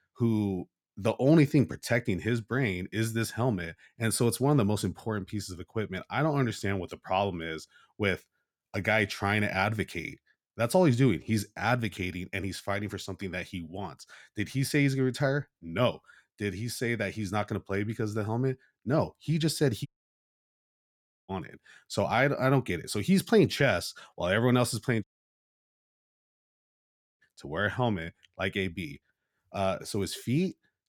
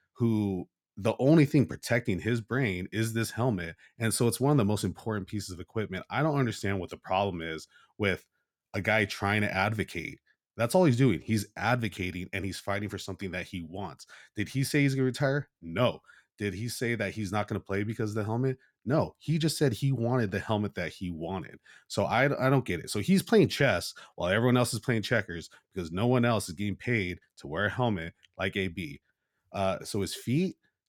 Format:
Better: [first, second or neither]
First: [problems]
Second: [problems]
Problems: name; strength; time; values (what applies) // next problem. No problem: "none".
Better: second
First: audio cutting out; at 20 s for 1.5 s and at 25 s for 2 s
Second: none